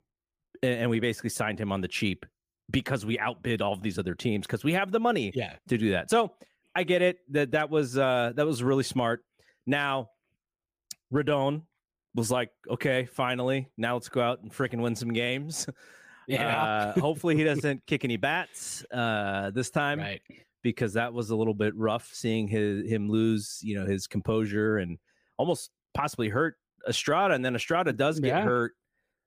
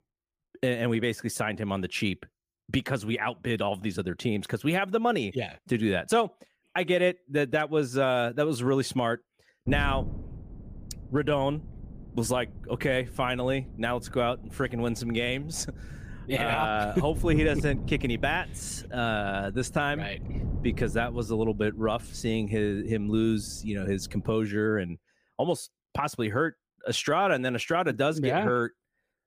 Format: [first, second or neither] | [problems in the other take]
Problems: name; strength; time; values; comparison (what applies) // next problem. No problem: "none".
first | wind noise on the microphone; occasional gusts; from 9.5 to 24 s; 20 dB below the speech